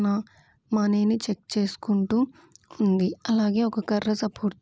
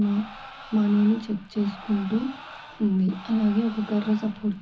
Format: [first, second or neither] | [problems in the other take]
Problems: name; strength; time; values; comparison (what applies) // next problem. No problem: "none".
first | background sound (Crowd); 18 dB below the speech // room echo; dies away in 0.4 s